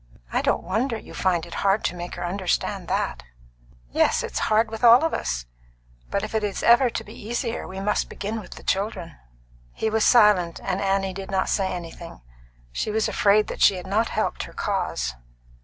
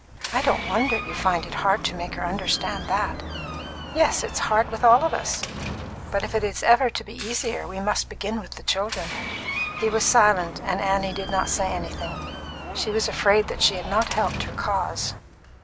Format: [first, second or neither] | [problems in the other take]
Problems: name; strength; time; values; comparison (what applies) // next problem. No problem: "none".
first | background sound (Door); 9 dB below the speech